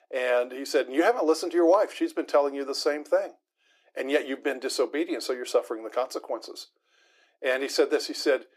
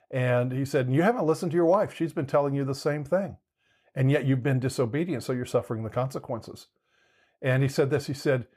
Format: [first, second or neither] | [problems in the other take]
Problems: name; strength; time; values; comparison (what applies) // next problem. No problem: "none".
second | thin; very; fading below 300 Hz